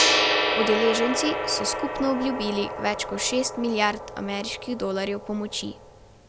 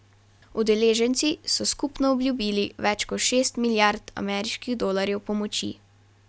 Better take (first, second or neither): second